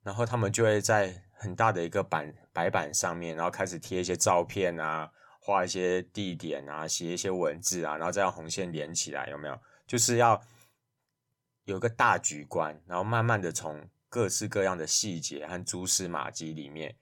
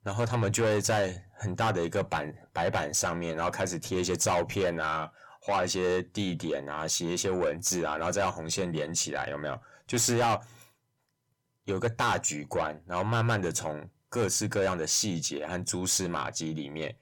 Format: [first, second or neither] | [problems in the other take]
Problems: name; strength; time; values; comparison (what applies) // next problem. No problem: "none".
first | distortion; heavy; 7 dB below the speech